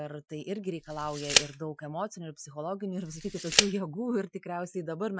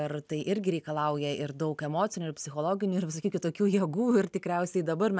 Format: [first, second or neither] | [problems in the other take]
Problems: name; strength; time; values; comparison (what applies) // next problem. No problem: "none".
second | noise reduction (classical method Wiener filter)